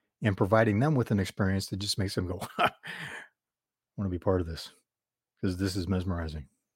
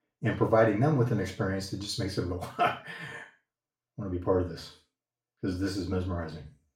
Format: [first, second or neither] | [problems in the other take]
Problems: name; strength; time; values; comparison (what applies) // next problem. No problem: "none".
first | room echo; slight; dies away in 0.4 s // off-mic speech; far